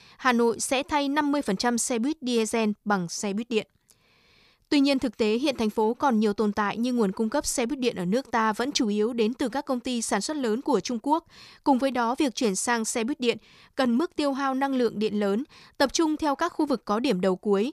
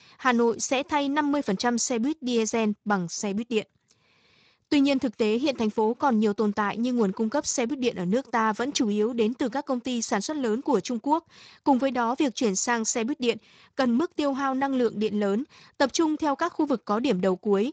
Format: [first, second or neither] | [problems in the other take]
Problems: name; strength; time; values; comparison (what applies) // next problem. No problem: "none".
first | garbled, watery; slightly; nothing above 7.5 kHz